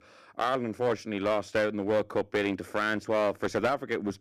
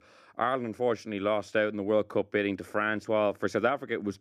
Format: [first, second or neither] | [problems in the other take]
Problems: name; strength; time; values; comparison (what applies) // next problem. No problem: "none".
second | distortion; slight; 7% of the sound clipped